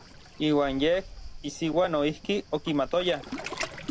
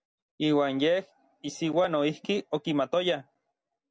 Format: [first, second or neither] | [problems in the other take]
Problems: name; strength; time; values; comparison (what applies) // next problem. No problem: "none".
second | background sound (Waves, surf); 12 dB below the speech